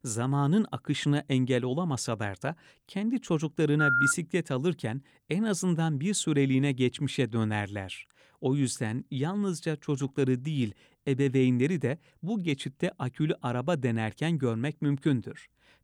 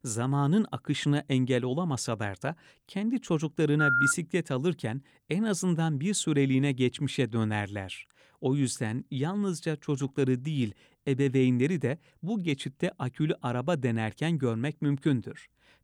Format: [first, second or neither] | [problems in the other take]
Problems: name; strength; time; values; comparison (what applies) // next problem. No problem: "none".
neither | phone ringing; loud; at 4 s; peak 5 dB above the speech; the same in both